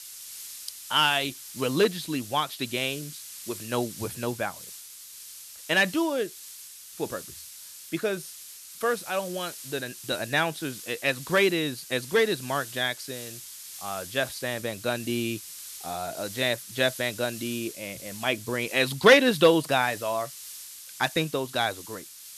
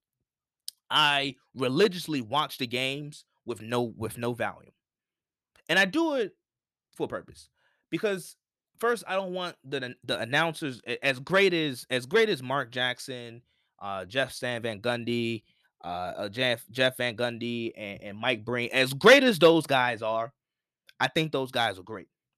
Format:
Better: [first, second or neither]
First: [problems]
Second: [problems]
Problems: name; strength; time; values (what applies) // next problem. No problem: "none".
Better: second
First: hiss; noticeable; throughout; 15 dB below the speech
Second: none